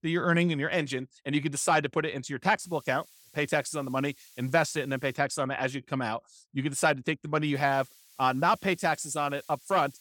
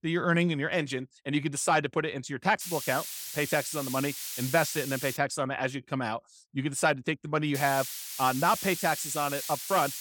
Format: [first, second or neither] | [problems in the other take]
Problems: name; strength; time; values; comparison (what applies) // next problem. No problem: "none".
first | hiss; loud; from 2.5 to 5 s and from 7.5 s on; 6 dB below the speech; faint in the first